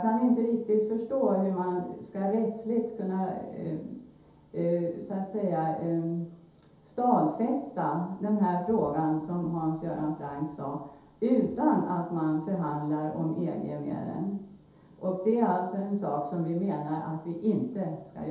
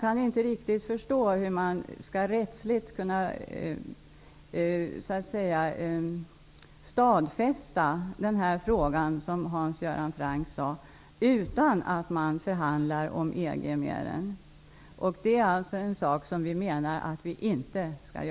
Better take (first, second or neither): second